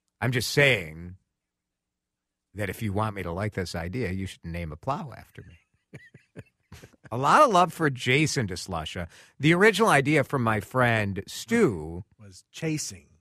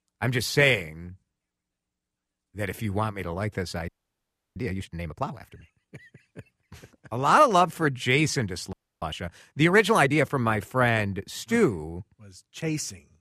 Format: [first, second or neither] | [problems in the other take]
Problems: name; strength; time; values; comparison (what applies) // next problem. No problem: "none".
first | audio freezing; at 4 s for 0.5 s and at 8.5 s